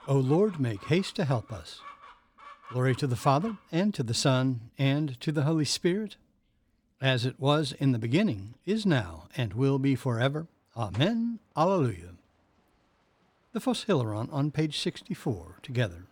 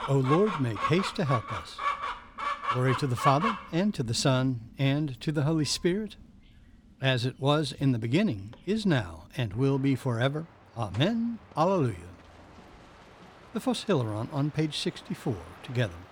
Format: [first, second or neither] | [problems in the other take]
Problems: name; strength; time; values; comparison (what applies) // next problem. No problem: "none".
first | animal sounds; loud; throughout; 5 dB below the speech; faint in the first